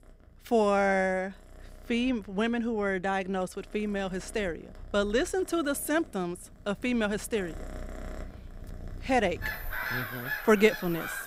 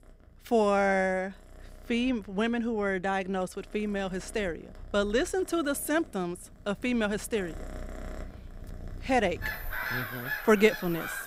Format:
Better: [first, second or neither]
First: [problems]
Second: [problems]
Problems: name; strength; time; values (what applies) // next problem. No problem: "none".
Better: neither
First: animal sounds; noticeable; throughout; 10 dB below the speech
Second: animal sounds; noticeable; throughout; 10 dB below the speech